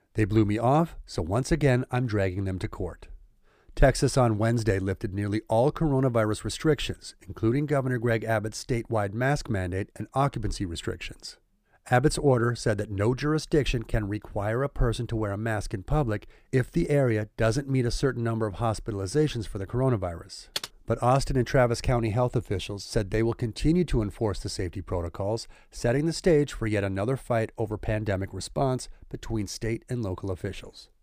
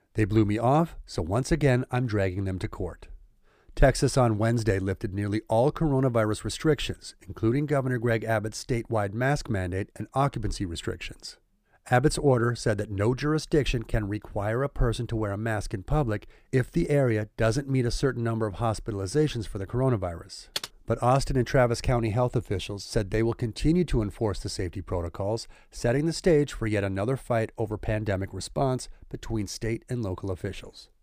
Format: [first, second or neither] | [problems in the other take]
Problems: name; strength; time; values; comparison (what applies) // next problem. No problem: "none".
neither | keyboard typing; noticeable; at 21 s; peak 7 dB below the speech; the same in both